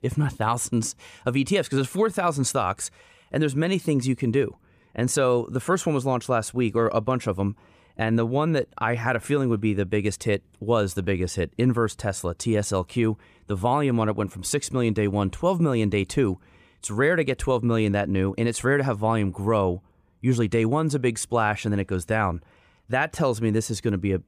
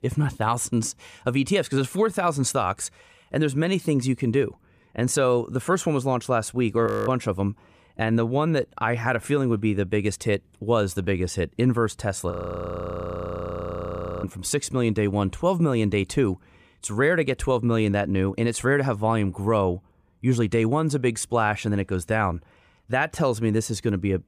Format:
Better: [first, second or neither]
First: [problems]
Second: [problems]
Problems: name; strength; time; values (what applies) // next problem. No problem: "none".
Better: first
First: none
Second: audio freezing; at 7 s and at 12 s for 2 s